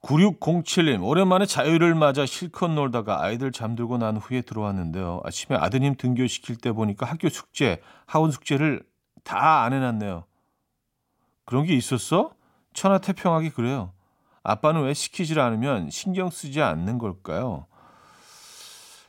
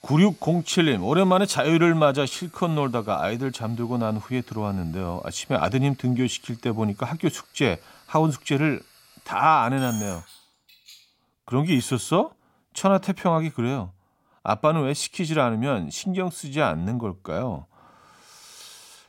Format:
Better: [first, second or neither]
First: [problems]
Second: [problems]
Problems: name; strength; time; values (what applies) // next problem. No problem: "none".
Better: first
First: none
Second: household noises; faint; until 12 s; 25 dB below the speech